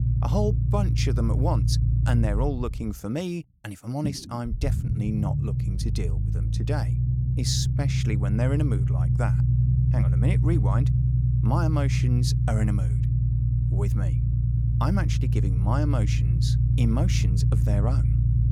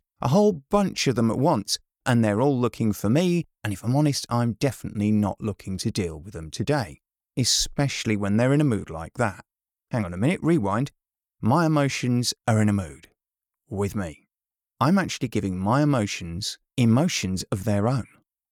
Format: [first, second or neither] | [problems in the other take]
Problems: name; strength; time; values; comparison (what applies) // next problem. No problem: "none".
second | low rumble; loud; throughout; 3 dB below the speech